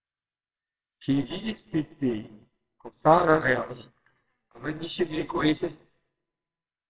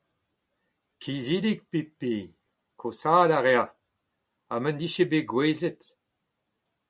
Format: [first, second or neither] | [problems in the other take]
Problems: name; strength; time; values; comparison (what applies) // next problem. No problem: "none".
second | noise reduction (neural separator model SepFormer WHAMR!)